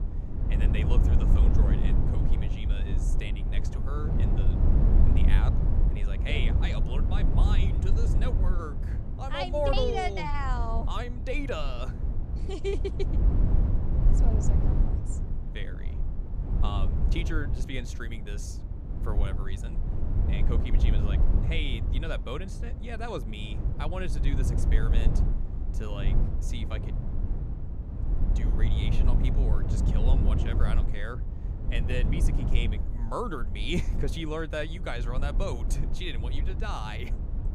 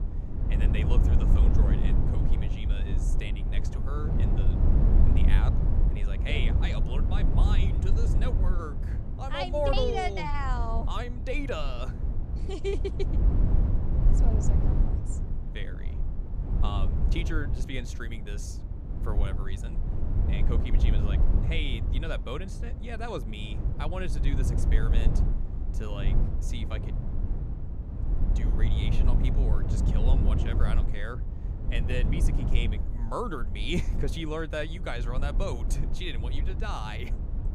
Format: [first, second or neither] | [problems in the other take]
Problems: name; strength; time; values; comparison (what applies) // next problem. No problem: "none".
neither | low rumble; loud; throughout; 6 dB below the speech; the same in both